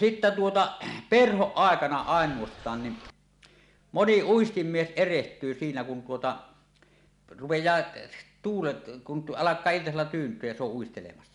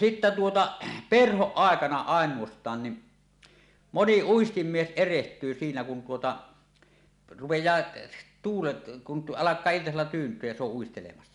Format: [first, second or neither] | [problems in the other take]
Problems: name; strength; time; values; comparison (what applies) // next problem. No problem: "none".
second | background sound (Boat, Water vehicle); 19 dB below the speech